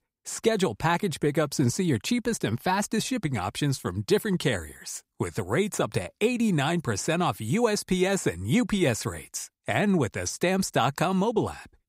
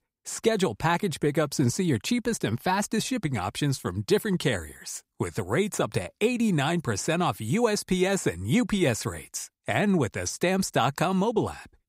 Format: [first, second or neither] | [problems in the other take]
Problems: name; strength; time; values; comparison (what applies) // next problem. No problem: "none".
neither | none